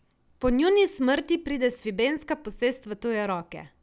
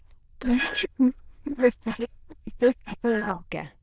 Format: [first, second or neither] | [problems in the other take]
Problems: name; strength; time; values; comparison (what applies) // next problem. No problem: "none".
first | noise reduction (neural diffusion model UNIVERSE++)